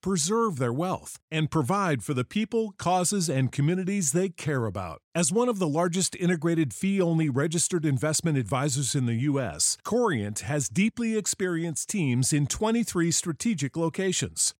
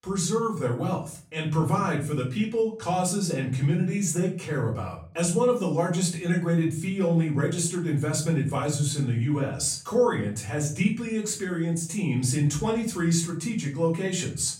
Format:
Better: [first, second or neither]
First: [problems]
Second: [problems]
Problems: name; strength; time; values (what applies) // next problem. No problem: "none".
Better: first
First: none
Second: off-mic speech; far // room echo; slight; dies away in 0.4 s